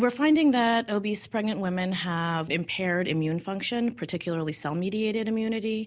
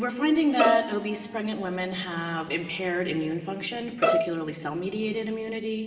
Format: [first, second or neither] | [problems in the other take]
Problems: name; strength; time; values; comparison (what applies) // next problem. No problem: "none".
first | background sound (Bowed string instrument); 1 dB above the speech // room echo; dies away in 2.8 s